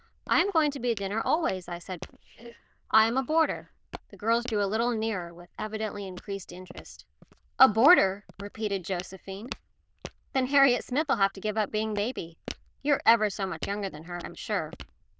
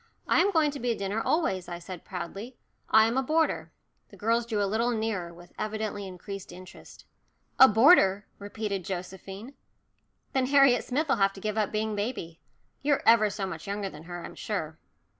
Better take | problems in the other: second | noise reduction (neural diffusion model UNIVERSE++)

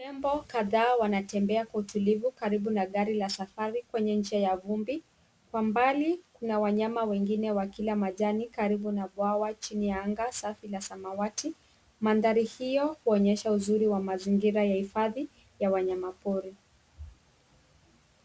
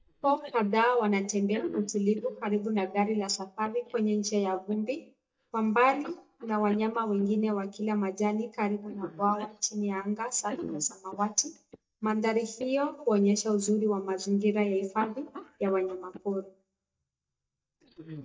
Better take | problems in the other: first | noise reduction (neural mask model DeepFilterNet 3)

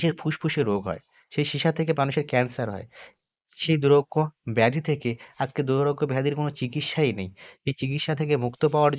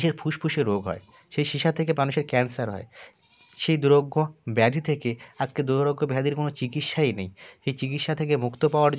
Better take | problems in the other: second | noise reduction (neural mask model Resemble Enhance denoiser)

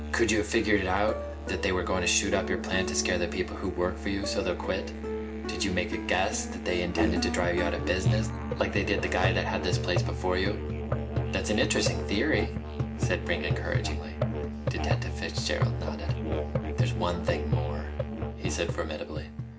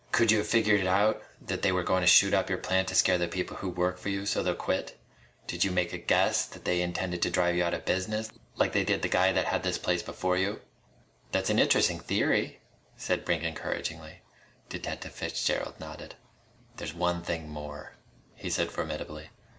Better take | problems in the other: second | background sound (Musical instrument); 1 dB below the speech // room echo; dies away in 0.3 s

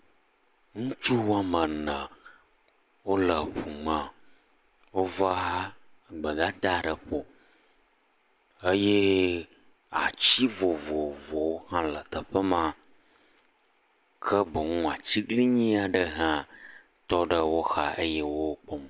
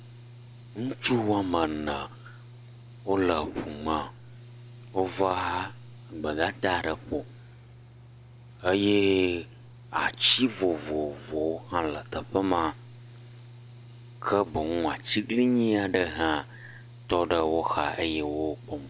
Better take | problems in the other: first | background sound (Mechanical fan / Engine); 18 dB below the speech

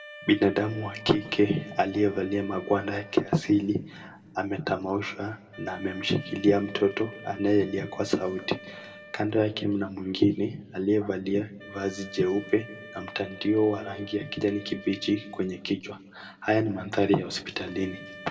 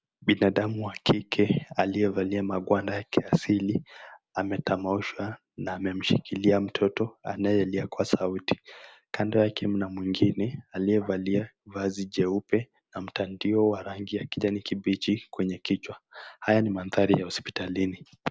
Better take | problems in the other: second | background sound (Wind instrument, woodwind instrument); 20 dB below the speech // room echo; dies away in 1.2 s

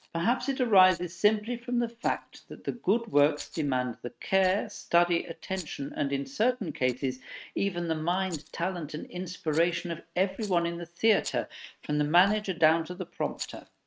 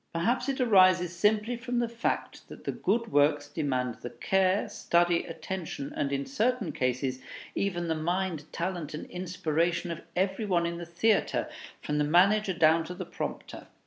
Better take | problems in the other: second | noise reduction (neural mask model RNNoise)

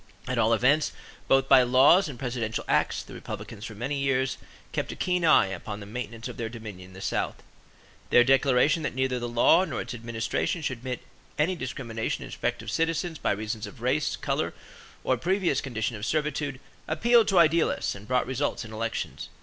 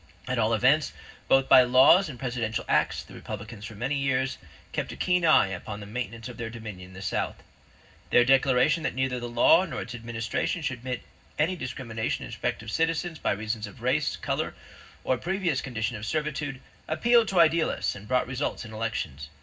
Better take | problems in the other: first | room echo; dies away in 0.4 s

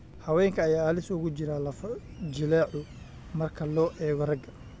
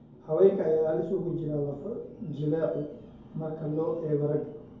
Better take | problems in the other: first | room echo; dies away in 2.3 s

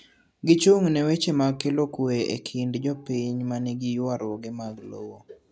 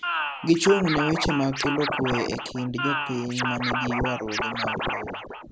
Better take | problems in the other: first | background sound (Scratching (performance technique)); 2 dB below the speech

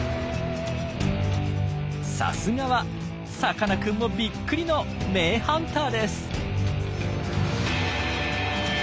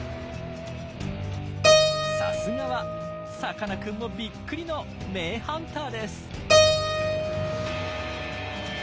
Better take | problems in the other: first | background sound (Keyboard (musical)); 5 dB above the speech

